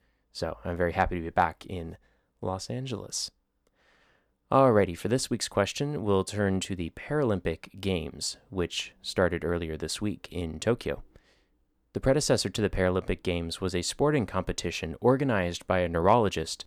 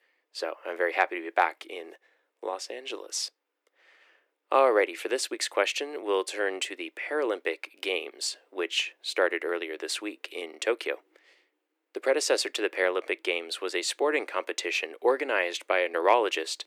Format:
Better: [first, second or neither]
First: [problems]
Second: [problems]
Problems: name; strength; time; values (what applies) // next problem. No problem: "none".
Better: first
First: none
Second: thin; very; fading below 300 Hz